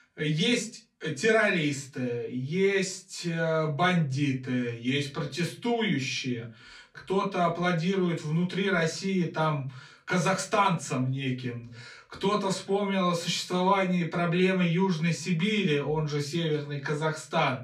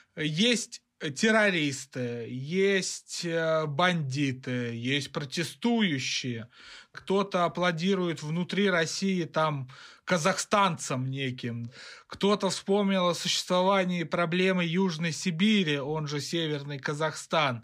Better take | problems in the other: second | off-mic speech; far // room echo; very slight; dies away in 0.3 s

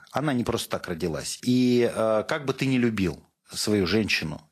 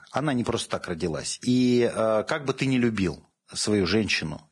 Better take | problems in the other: first | garbled, watery; badly; slightly in the first

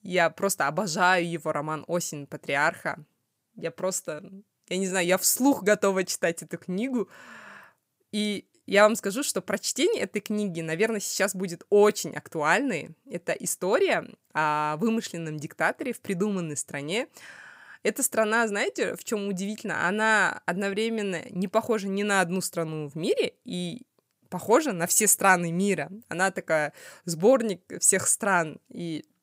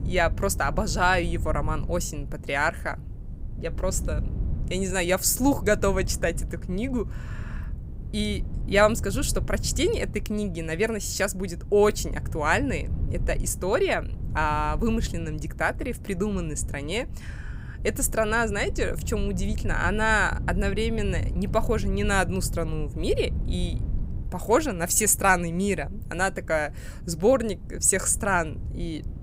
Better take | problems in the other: first | wind noise on the microphone; occasional gusts; 20 dB below the speech

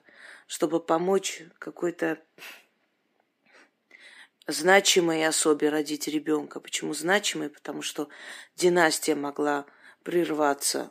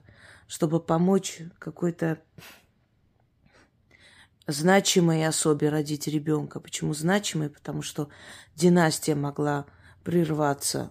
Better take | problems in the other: second | thin; somewhat; fading below 250 Hz

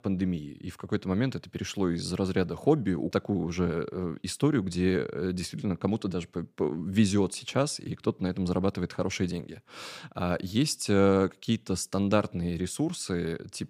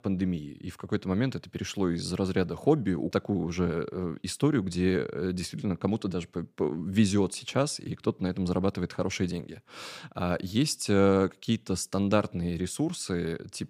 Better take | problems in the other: neither | none

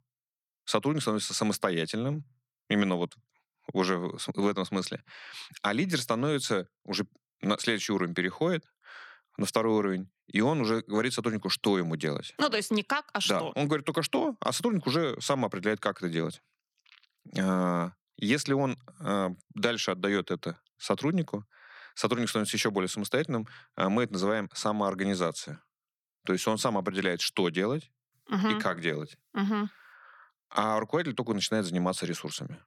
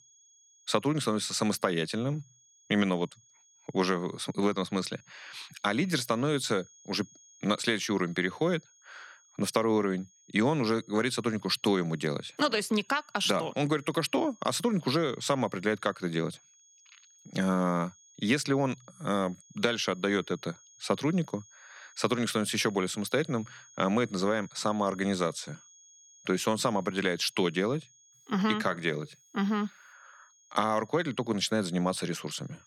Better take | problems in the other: first | high-pitched whine; faint; throughout; 6.5 kHz, 25 dB below the speech

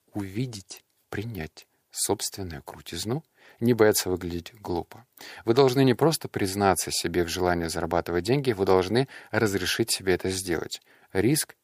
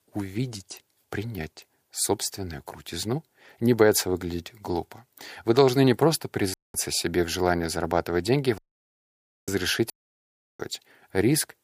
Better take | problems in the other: first | audio cutting out; at 6.5 s, at 8.5 s for 1 s and at 10 s for 0.5 s

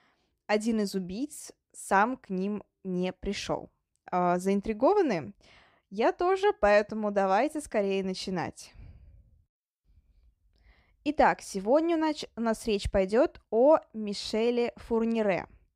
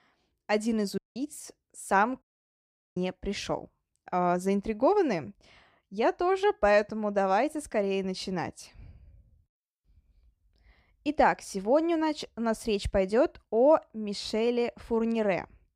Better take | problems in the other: first | audio cutting out; at 1 s and at 2 s for 0.5 s

